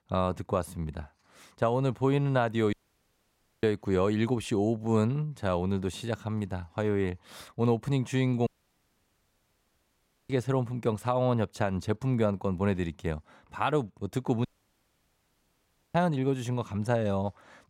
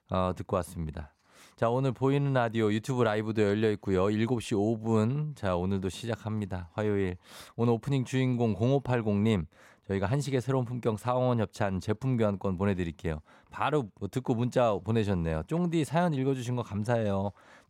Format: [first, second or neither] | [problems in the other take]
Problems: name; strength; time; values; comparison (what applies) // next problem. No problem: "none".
second | audio cutting out; at 2.5 s for 1 s, at 8.5 s for 2 s and at 14 s for 1.5 s